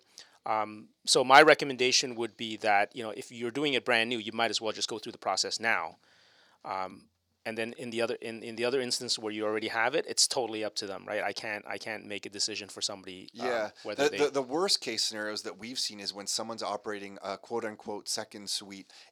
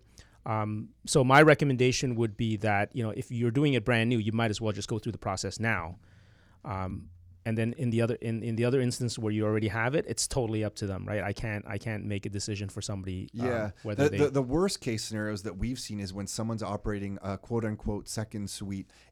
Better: second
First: thin; somewhat; fading below 400 Hz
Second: none

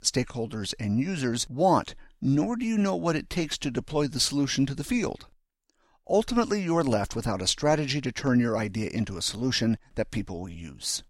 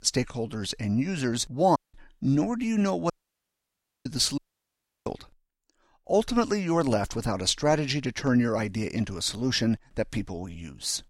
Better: first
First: none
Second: audio cutting out; at 2 s, at 3 s for 1 s and at 4.5 s for 0.5 s

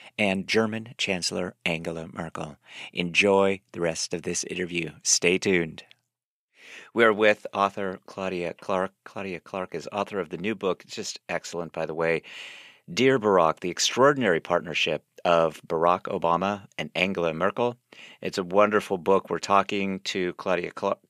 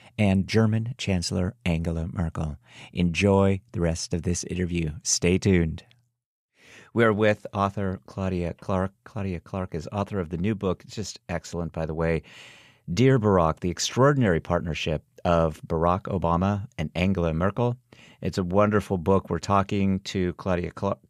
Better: second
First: thin; somewhat; fading below 300 Hz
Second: none

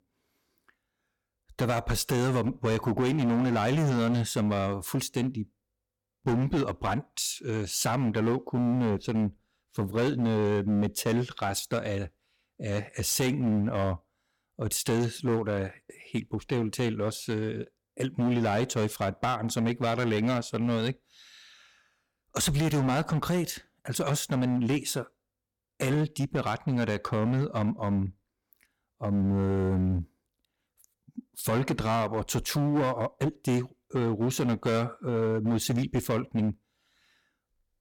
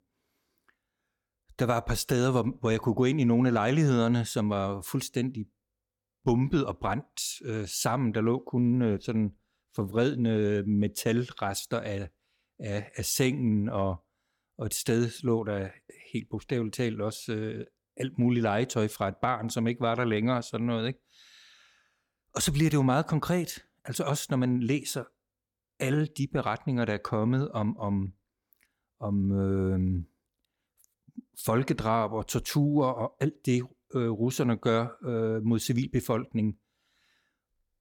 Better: second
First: distortion; slight; 11% of the sound clipped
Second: none

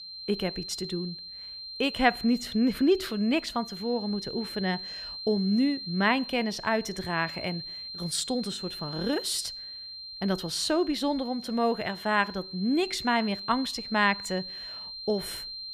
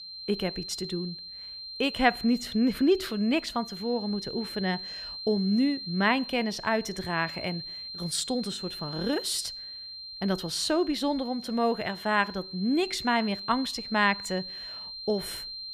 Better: neither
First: high-pitched whine; loud; throughout; 4 kHz, 9 dB below the speech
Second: high-pitched whine; loud; throughout; 4 kHz, 9 dB below the speech

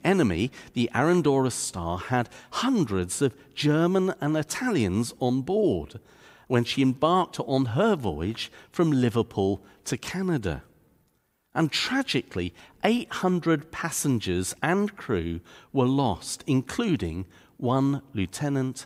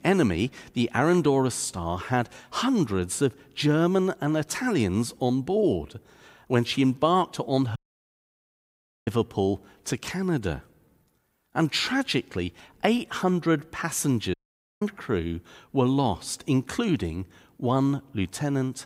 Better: first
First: none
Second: audio cutting out; at 8 s for 1.5 s and at 14 s

